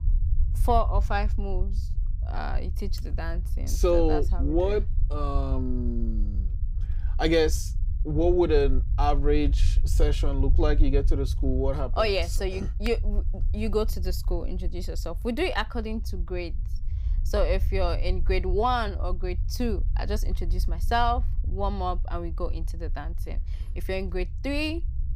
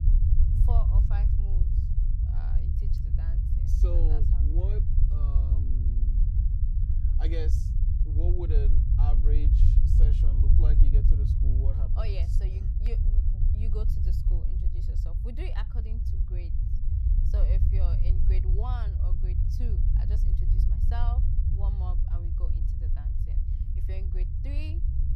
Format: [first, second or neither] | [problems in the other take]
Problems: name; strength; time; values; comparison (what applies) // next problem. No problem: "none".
first | low rumble; loud; throughout; as loud as the speech; faint in the first